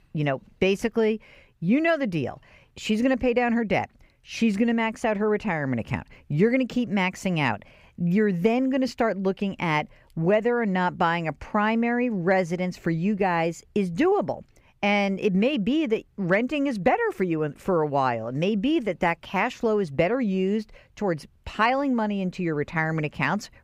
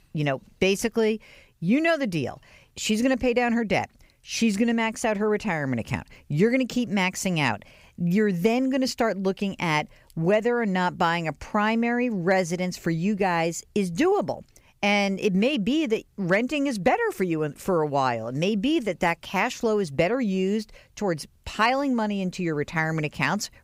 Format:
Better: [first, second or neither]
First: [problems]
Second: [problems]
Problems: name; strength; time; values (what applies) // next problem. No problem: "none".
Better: second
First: muffled; slightly; fading above 4 kHz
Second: none